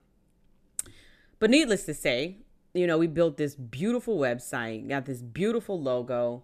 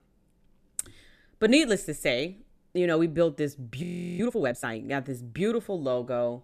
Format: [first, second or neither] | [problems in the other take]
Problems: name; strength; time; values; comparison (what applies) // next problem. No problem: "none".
first | audio freezing; at 4 s